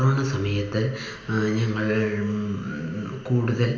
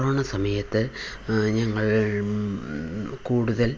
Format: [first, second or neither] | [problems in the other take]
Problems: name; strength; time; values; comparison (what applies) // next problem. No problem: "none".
second | room echo; dies away in 0.8 s